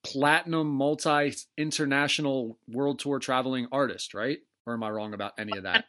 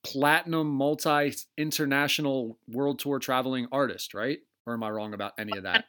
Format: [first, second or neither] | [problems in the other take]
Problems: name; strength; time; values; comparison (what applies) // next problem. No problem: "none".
second | garbled, watery; slightly; nothing above 11.5 kHz